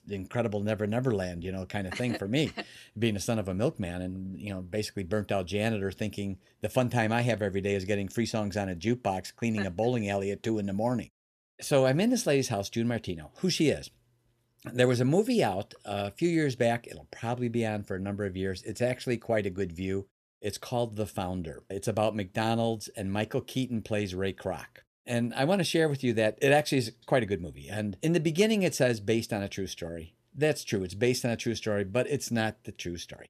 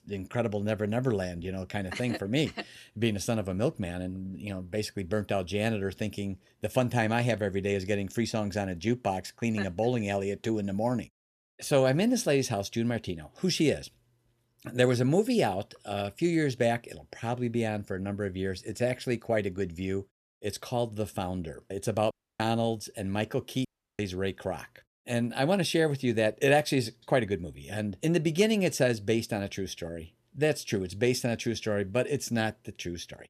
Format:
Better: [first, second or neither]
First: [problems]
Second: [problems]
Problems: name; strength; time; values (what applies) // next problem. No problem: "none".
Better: first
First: none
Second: audio cutting out; at 22 s and at 24 s